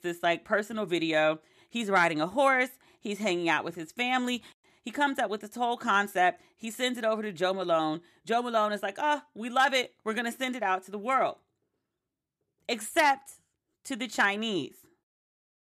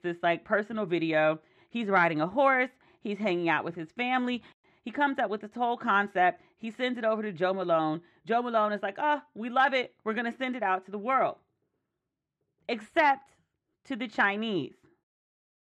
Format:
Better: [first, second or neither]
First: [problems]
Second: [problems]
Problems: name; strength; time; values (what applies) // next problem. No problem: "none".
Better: first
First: none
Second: muffled; slightly; fading above 2.5 kHz